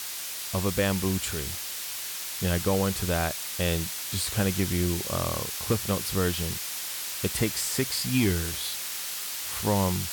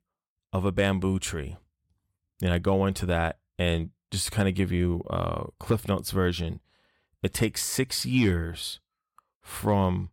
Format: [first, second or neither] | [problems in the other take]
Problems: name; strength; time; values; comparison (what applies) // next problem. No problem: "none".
second | hiss; loud; throughout; 2 dB below the speech